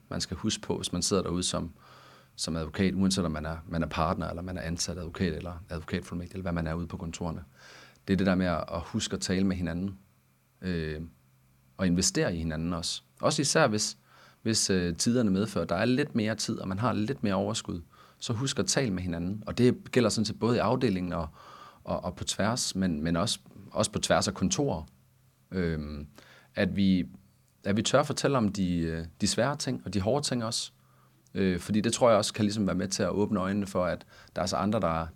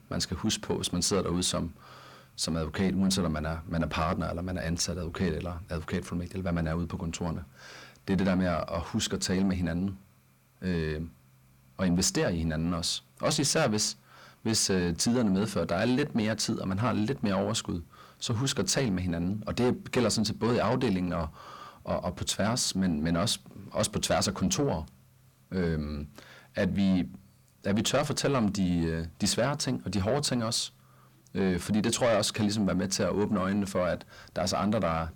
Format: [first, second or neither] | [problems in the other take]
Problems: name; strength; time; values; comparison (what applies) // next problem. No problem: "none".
first | distortion; slight; 10 dB below the speech